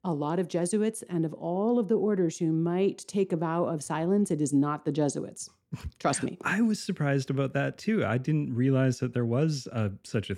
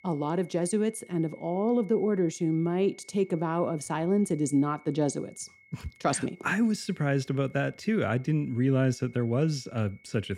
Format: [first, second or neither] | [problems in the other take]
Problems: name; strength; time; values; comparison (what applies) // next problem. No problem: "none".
first | high-pitched whine; faint; throughout; 2 kHz, 25 dB below the speech